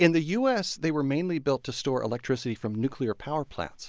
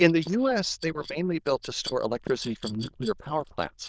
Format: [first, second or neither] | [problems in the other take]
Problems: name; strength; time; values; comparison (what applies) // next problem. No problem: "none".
first | noise reduction (neural diffusion model UNIVERSE++)